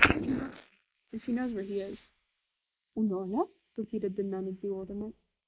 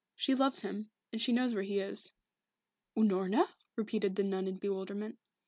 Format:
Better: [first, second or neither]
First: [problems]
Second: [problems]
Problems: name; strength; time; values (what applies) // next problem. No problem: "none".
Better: second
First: noise reduction (neural mask model Resemble Enhance denoiser)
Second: none